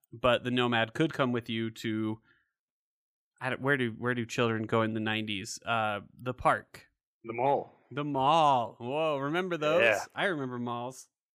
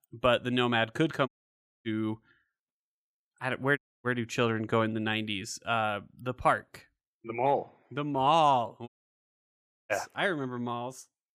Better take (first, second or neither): first